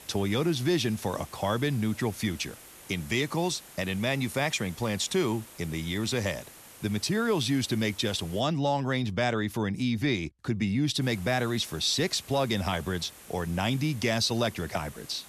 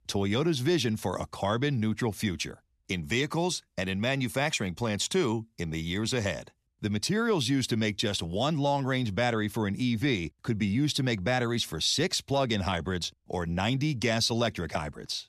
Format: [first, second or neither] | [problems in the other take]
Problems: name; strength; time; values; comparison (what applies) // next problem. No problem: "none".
second | hiss; noticeable; until 8.5 s and from 11 s on; 20 dB below the speech